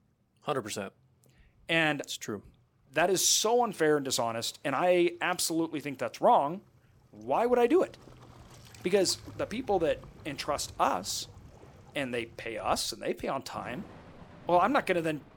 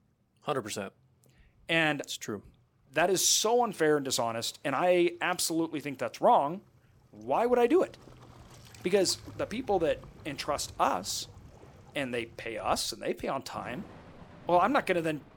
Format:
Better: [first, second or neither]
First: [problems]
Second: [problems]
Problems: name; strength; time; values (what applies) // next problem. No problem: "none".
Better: neither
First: rain or running water; faint; throughout; 25 dB below the speech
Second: rain or running water; faint; throughout; 25 dB below the speech